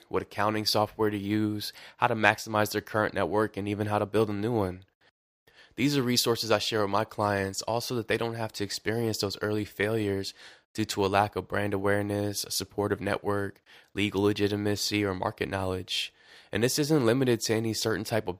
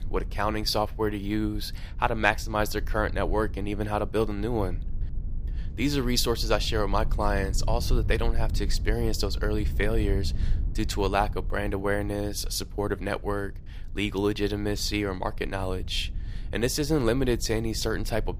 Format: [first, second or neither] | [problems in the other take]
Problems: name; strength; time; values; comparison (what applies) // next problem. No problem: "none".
first | low rumble; faint; throughout; 20 dB below the speech